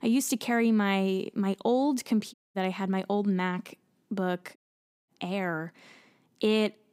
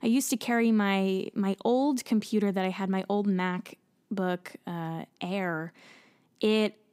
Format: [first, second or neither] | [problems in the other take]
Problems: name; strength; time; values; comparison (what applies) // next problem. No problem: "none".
second | audio cutting out; at 2.5 s and at 4.5 s for 0.5 s